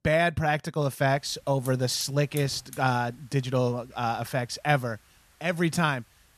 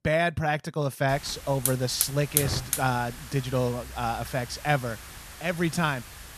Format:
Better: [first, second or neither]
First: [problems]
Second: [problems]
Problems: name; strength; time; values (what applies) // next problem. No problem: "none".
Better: first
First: hiss; faint; from 1 s on; 20 dB below the speech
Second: hiss; loud; from 1 s on; 5 dB below the speech